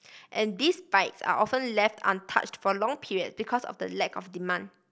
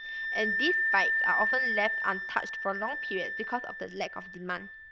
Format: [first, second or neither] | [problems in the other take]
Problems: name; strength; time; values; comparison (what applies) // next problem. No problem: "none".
first | noise reduction (neural diffusion model UNIVERSE++)